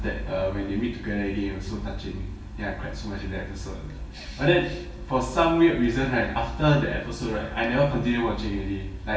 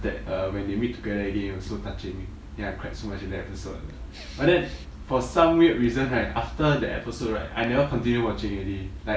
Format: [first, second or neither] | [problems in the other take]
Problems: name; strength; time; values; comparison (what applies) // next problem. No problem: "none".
second | room echo; dies away in 1.1 s